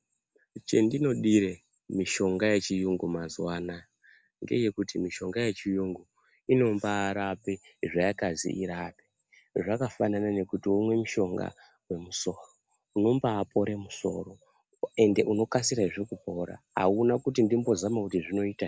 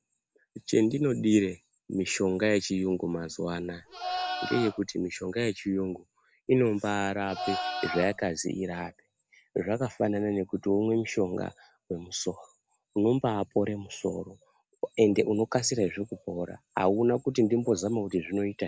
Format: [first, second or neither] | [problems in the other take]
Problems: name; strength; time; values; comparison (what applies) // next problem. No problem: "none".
first | background sound (Livestock, farm animals, working animals); 7 dB below the speech